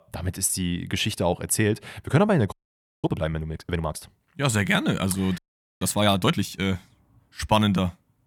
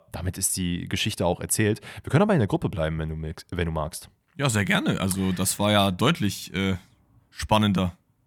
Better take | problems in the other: second | audio freezing; at 2.5 s for 0.5 s and at 5.5 s

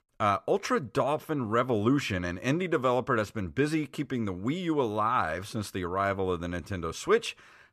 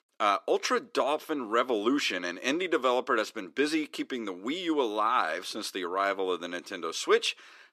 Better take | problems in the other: first | thin; very slightly; fading below 300 Hz

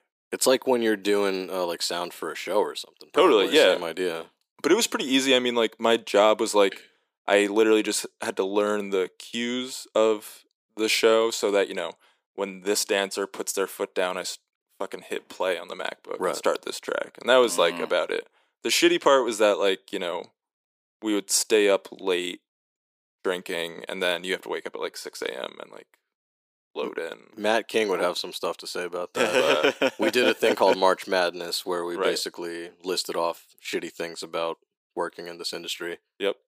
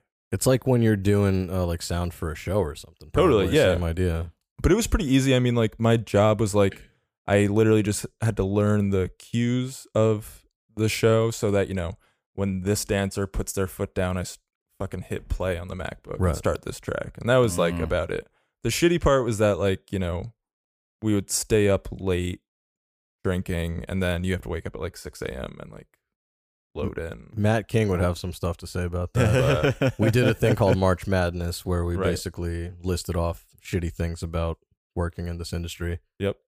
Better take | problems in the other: second | thin; somewhat; fading below 300 Hz

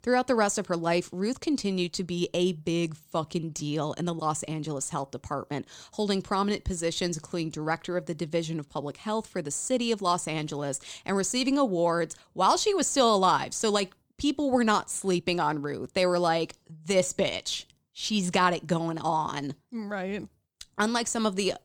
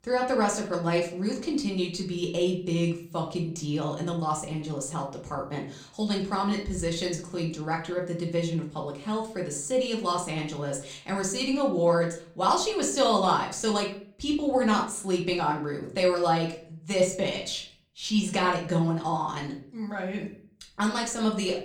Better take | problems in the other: first | room echo; slight; dies away in 0.4 s // off-mic speech; far

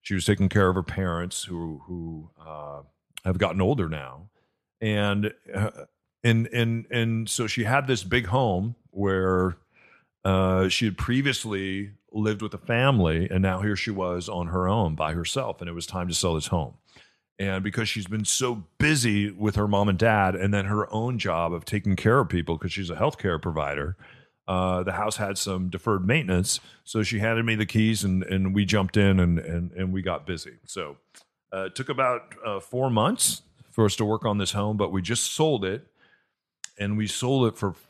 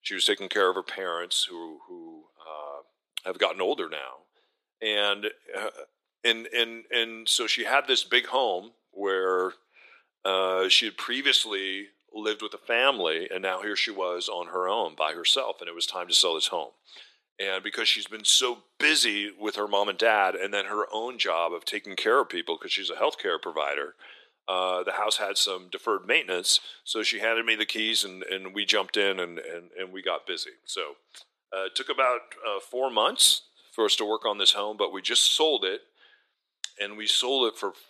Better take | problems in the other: first | thin; very; fading below 350 Hz

